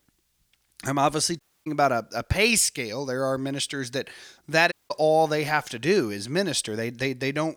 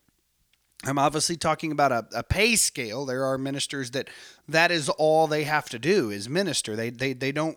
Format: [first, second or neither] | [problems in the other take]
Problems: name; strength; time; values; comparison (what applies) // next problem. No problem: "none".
second | audio cutting out; at 1.5 s and at 4.5 s